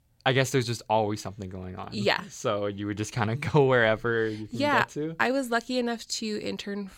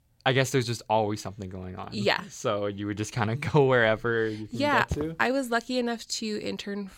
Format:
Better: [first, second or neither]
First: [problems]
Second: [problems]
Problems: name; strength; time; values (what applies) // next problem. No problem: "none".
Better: first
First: none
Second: footsteps; noticeable; at 5 s; peak 10 dB below the speech